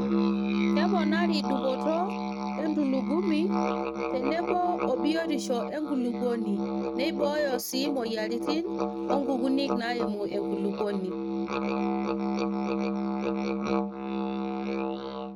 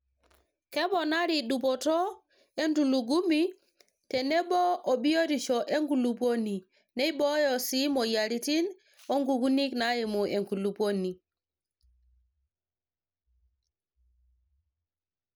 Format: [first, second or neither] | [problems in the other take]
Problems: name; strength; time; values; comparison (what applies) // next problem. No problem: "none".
second | noise reduction (neural mask model RNNoise)